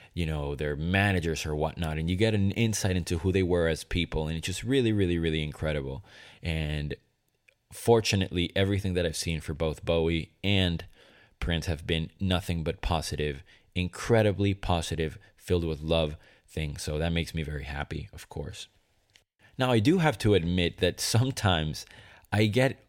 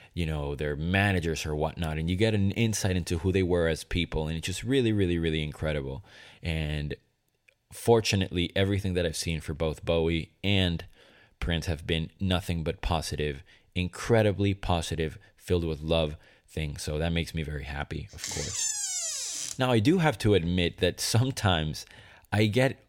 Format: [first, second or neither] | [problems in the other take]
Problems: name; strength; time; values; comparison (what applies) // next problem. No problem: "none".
first | door banging; loud; from 18 to 20 s; peak 1 dB above the speech